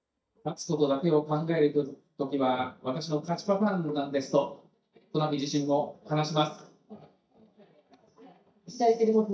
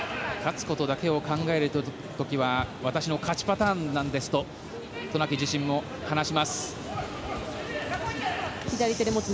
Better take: second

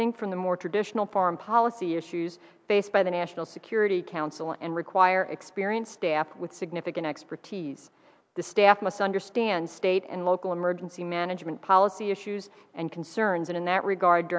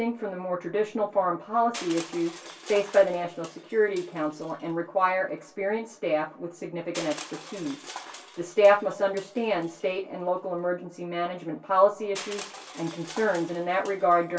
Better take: first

